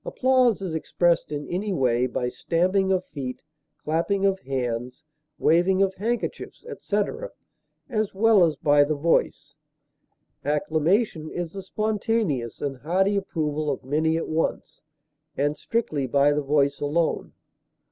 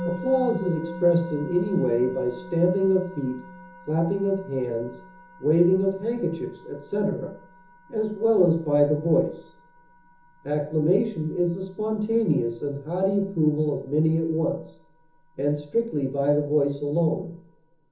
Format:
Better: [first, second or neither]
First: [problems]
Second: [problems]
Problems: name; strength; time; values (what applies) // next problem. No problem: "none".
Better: first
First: none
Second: background sound (Musical instrument); 17 dB below the speech // room echo; dies away in 0.7 s